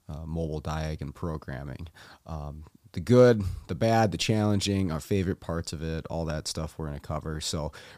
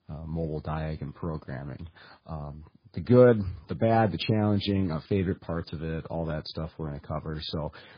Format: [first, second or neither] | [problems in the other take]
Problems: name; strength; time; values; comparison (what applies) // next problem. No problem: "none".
first | garbled, watery; badly